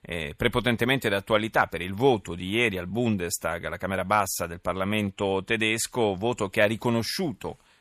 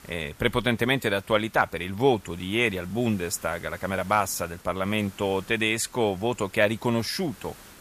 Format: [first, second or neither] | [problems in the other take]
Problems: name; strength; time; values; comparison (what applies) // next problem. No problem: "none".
first | hiss; faint; throughout; 25 dB below the speech